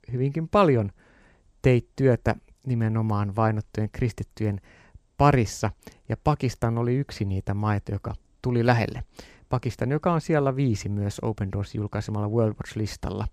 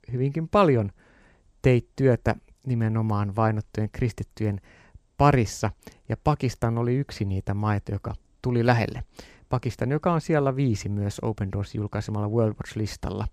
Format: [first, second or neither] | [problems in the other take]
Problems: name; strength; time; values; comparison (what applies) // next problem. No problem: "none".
neither | none